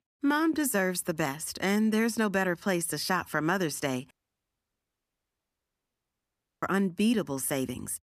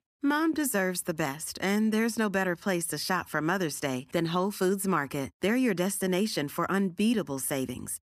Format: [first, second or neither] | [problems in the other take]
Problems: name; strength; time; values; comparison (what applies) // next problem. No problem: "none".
second | audio cutting out; at 4 s for 2.5 s